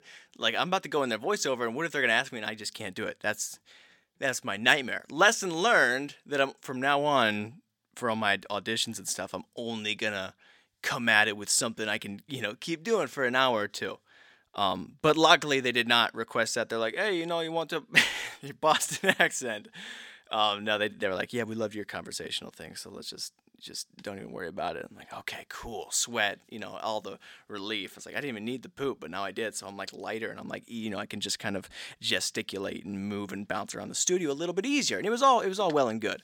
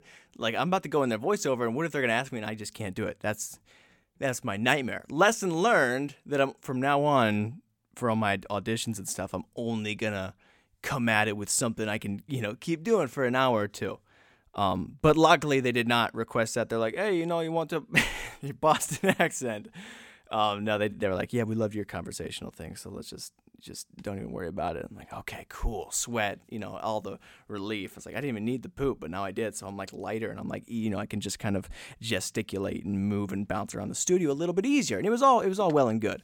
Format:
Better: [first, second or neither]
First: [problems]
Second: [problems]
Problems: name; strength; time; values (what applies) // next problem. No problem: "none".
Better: second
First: thin; very slightly; fading below 300 Hz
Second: none